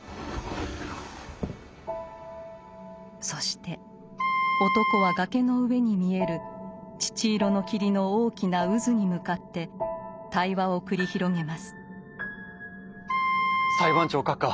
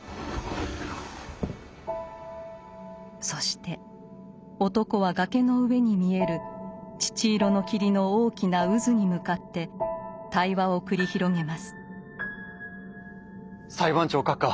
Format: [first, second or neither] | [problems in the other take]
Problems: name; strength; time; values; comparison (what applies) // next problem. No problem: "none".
second | background sound (Wind instrument, woodwind instrument); 2 dB above the speech